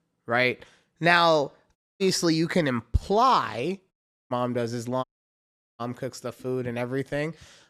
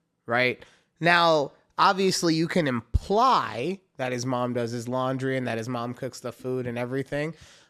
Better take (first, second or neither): second